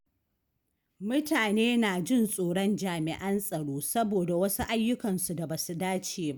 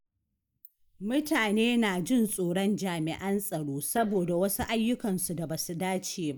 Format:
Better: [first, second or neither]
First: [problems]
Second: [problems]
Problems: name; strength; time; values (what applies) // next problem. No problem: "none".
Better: first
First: none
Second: noise reduction (neural mask model Resemble Enhance denoiser)